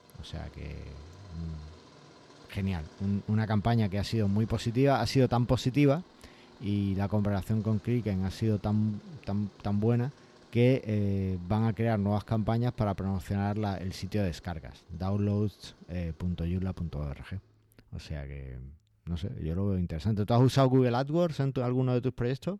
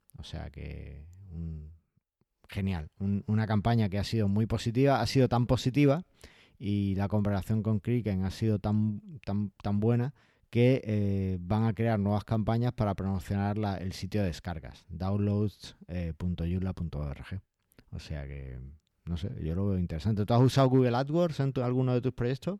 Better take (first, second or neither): second